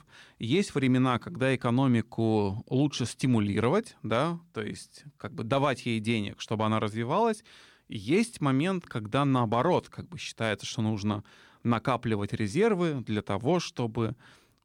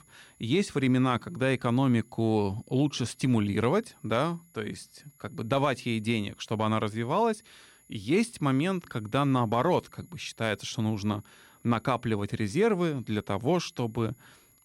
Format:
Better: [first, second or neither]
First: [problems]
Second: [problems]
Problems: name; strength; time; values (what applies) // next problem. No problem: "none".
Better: first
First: none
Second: high-pitched whine; faint; throughout; 11 kHz, 30 dB below the speech